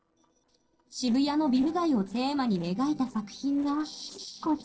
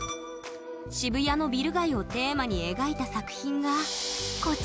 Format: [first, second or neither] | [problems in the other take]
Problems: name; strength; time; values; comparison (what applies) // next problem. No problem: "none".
second | noise reduction (neural separator model SepFormer DNS4)